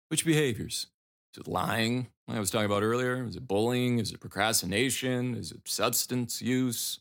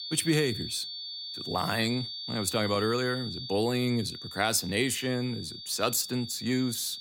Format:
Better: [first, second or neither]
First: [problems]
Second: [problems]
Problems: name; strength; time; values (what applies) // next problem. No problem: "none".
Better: first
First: none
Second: high-pitched whine; loud; throughout; 4.5 kHz, 8 dB below the speech